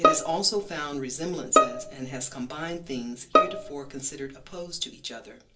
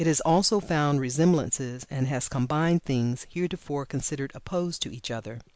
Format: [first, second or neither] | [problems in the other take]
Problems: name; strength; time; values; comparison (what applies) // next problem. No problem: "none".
second | background sound (Bowed string instrument); 5 dB above the speech // room echo; dies away in 0.3 s